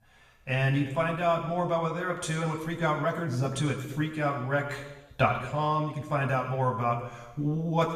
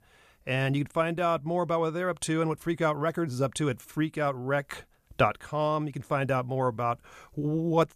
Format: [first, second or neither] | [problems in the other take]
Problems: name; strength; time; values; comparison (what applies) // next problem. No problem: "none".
second | room echo; noticeable; dies away in 1 s // off-mic speech; somewhat distant